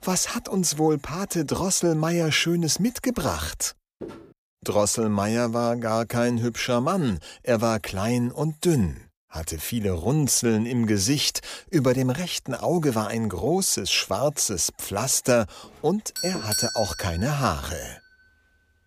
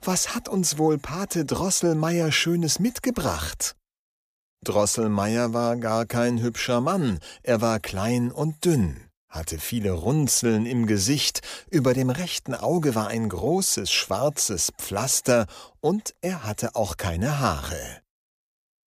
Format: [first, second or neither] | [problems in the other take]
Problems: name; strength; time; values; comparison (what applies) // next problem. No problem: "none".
second | footsteps; faint; at 4 s; peak 15 dB below the speech // doorbell; noticeable; at 16 s; peak 1 dB below the speech